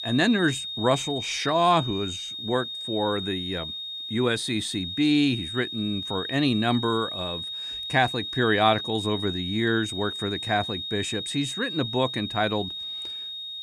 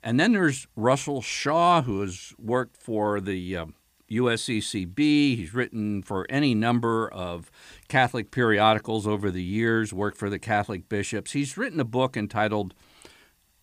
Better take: second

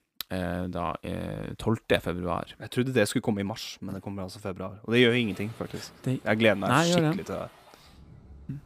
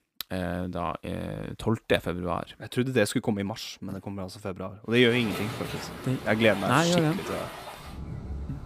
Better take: first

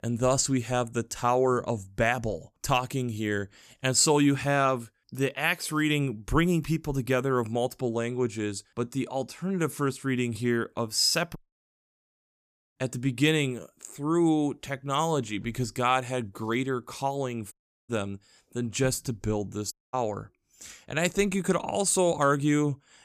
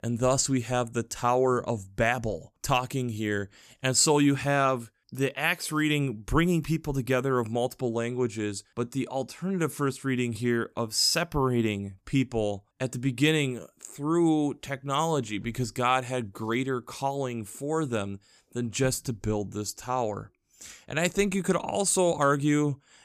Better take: second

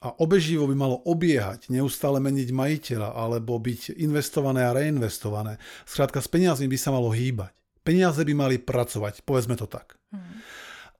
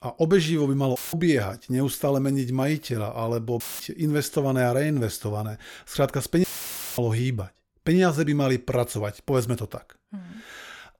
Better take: first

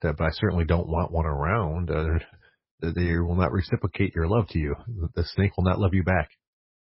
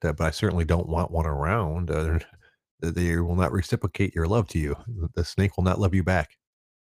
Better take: second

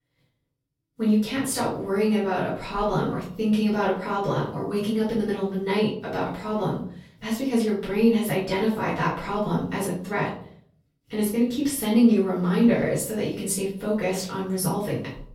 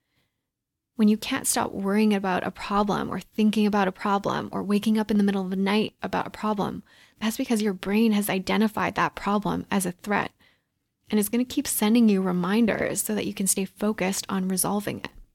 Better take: second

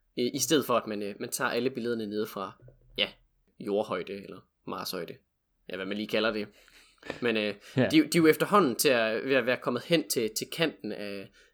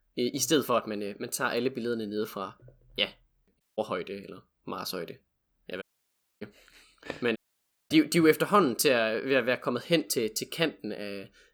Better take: first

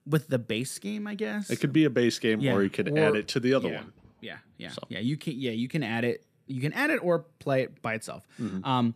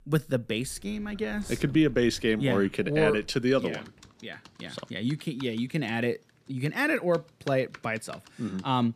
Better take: first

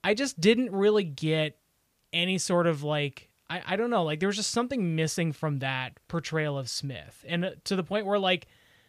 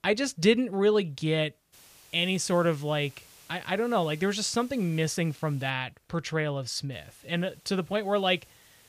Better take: first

